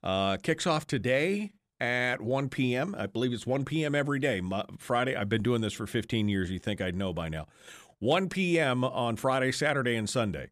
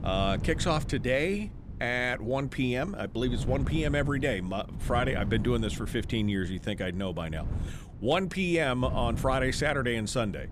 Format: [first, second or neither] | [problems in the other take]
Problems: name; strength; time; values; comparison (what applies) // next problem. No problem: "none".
first | wind noise on the microphone; occasional gusts; 20 dB below the speech